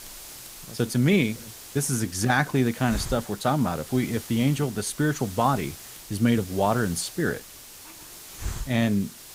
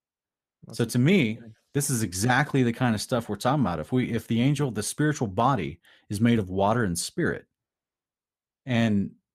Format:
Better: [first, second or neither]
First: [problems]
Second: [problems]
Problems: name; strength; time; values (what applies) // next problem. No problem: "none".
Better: second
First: hiss; noticeable; throughout; 15 dB below the speech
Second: none